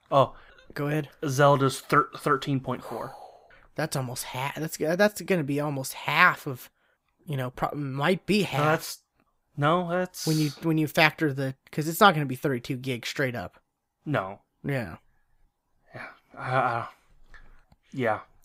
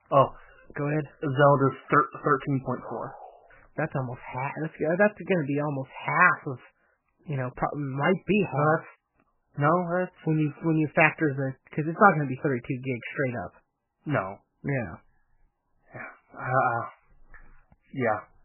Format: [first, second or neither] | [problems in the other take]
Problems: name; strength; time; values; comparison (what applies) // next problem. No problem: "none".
first | garbled, watery; badly; nothing above 3 kHz